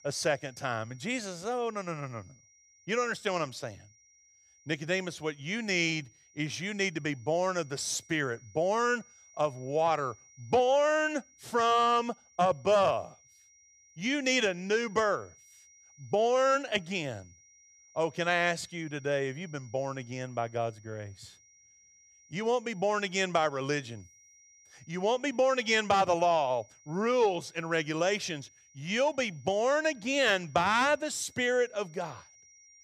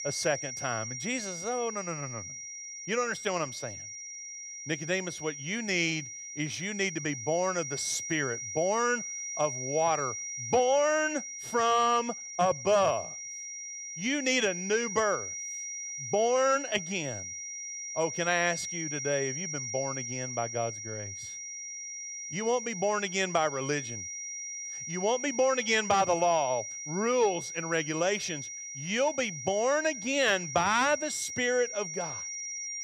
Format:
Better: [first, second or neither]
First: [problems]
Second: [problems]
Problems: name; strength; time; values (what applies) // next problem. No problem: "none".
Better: first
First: high-pitched whine; faint; throughout; 5.5 kHz, 30 dB below the speech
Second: high-pitched whine; loud; throughout; 5.5 kHz, 7 dB below the speech